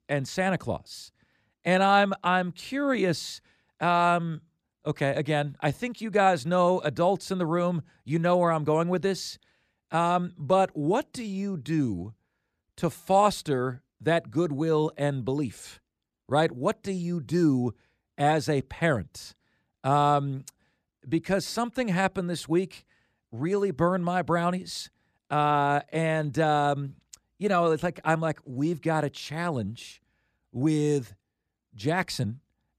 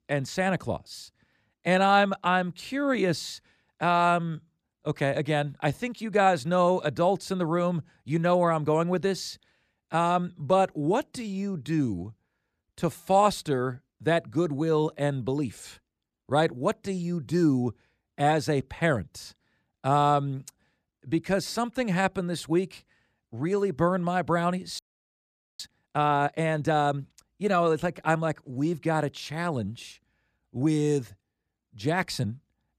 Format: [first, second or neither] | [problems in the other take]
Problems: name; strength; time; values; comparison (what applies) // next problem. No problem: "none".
first | audio freezing; at 25 s for 1 s